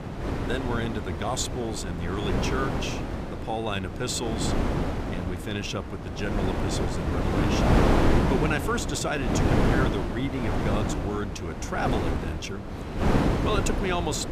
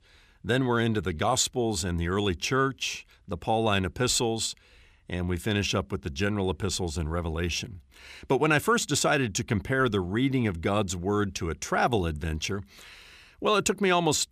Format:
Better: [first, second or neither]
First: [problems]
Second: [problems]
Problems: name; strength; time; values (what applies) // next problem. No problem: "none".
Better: second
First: wind noise on the microphone; heavy; 1 dB above the speech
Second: none